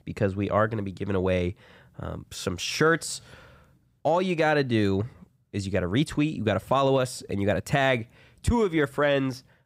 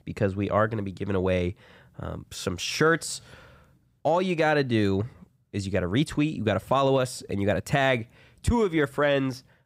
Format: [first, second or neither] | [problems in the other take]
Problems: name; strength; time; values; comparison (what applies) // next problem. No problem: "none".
neither | none